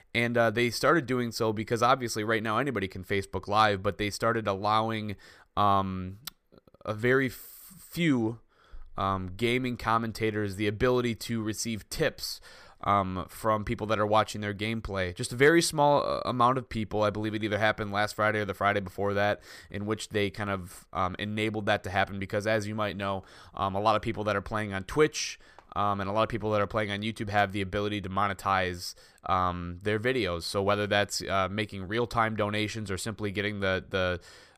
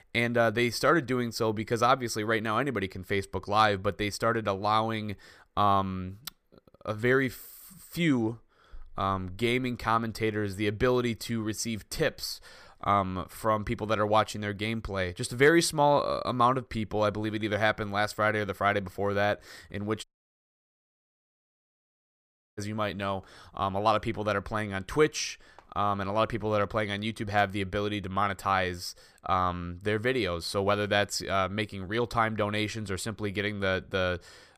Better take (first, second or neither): first